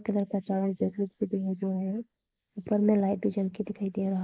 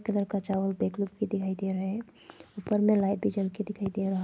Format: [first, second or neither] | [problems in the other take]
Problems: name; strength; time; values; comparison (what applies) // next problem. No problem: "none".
second | noise reduction (neural mask model Resemble Enhance denoiser)